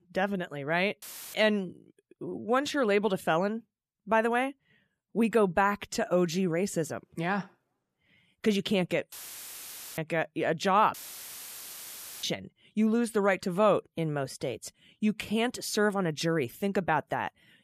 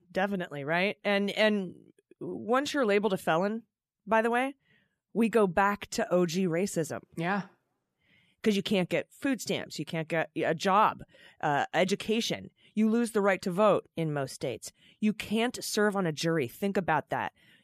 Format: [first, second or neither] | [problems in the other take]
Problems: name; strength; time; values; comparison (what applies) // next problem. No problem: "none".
second | audio cutting out; filled with static; at 1 s, at 9 s for 1 s and at 11 s for 1.5 s